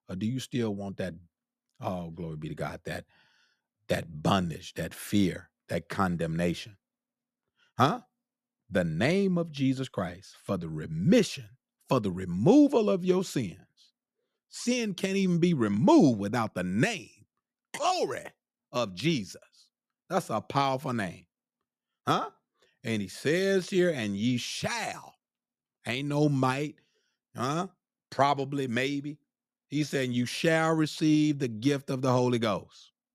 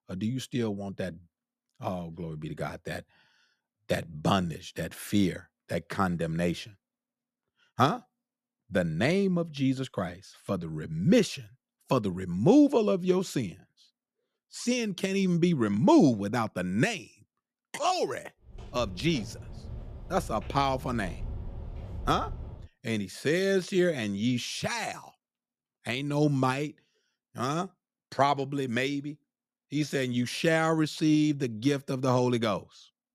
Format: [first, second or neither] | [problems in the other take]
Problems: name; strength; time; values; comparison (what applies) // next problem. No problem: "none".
first | footsteps; faint; from 18 to 23 s; peak 10 dB below the speech